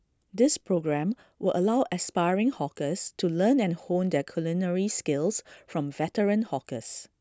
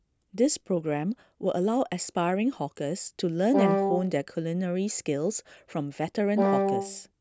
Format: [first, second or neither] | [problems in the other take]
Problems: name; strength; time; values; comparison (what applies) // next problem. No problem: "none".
first | background sound (Wind instrument, woodwind instrument); 2 dB above the speech